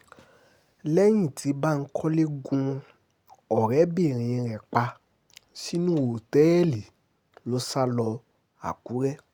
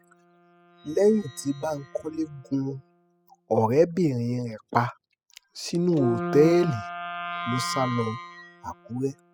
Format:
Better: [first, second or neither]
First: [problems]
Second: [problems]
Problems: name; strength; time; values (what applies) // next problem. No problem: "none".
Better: first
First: none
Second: noise reduction (classical method spectral subtraction)